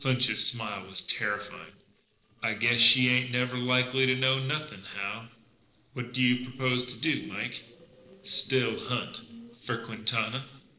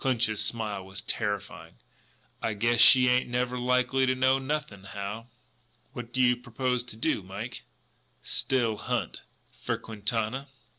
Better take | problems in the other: second | noise reduction (neural separator model SepFormer DNS4)

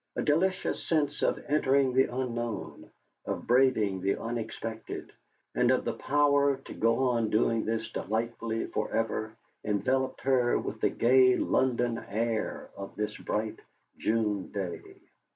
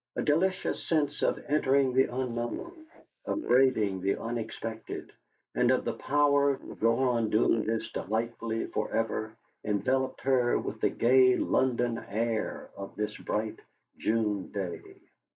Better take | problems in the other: first | noise reduction (neural mask model Resemble Enhance denoiser)

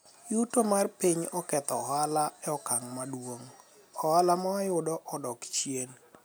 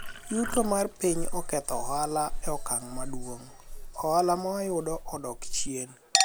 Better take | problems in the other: first | background sound (Chink, clink); 2 dB below the speech

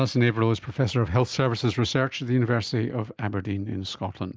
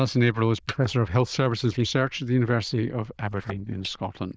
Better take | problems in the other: first | noise reduction (neural diffusion model UNIVERSE++)

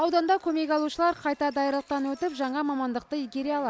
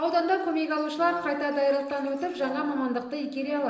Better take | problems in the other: first | noise reduction (neural separator model SepFormer DNS4)

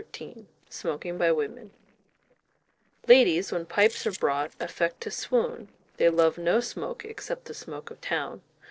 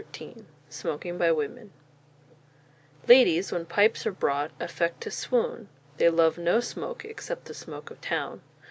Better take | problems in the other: second | noise reduction (neural separator model SepFormer DNS4)

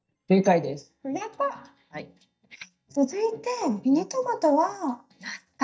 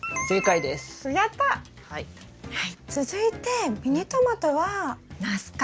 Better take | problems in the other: second | noise reduction (neural mask model DeepFilterNet 3)

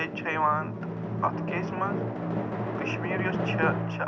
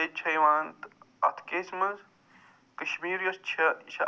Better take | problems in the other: second | background sound (Drum); 1 dB above the speech

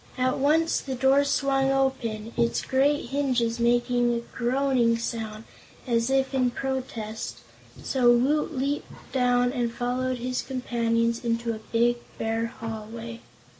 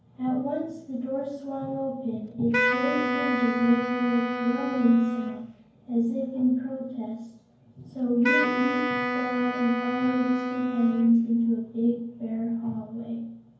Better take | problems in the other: first | background sound (Wind instrument, woodwind instrument); 2 dB below the speech // room echo; dies away in 0.9 s

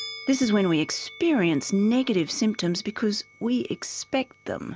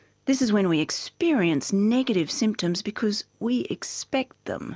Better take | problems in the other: second | background sound (Musical instrument); 19 dB below the speech

